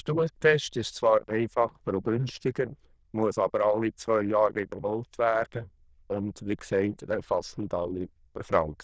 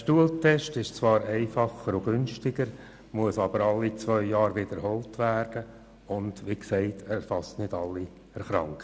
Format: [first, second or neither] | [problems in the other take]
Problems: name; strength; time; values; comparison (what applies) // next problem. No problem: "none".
second | noise reduction (neural diffusion model UNIVERSE++)